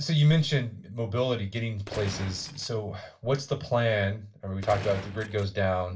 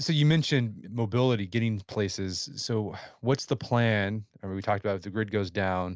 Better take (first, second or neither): second